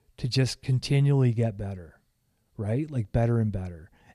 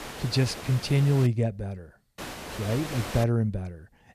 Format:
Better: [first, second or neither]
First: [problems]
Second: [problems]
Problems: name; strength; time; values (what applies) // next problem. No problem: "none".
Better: first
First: none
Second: hiss; noticeable; until 1.5 s and from 2 to 3 s; 10 dB below the speech